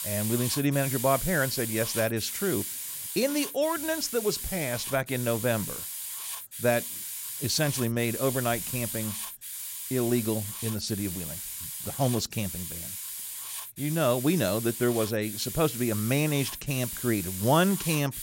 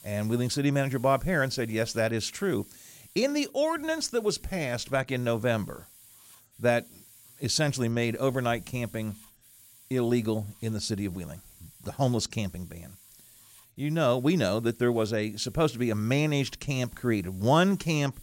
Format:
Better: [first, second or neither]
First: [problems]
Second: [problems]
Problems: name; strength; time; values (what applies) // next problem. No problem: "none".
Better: second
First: hiss; loud; throughout; 5 dB below the speech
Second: hiss; faint; throughout; 25 dB below the speech